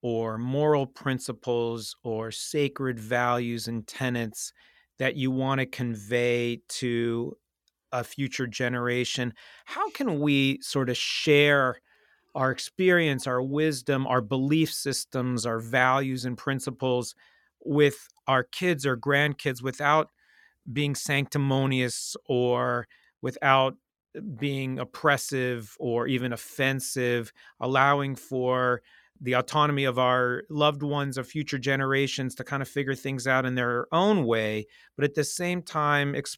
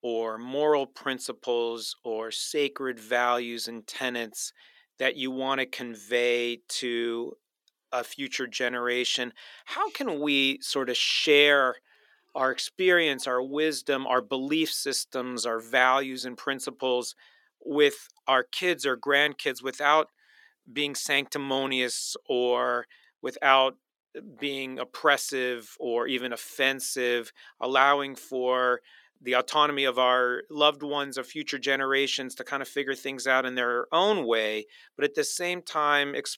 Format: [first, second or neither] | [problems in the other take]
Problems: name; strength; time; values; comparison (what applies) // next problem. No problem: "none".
first | thin; somewhat; fading below 300 Hz